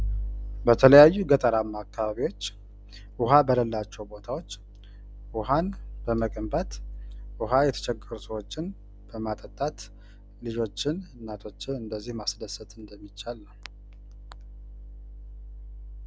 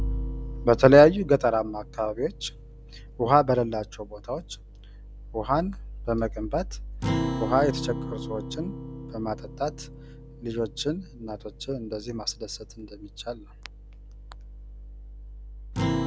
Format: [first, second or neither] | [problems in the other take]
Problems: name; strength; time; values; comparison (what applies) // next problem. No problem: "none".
first | background sound (Acoustic guitar); 10 dB below the speech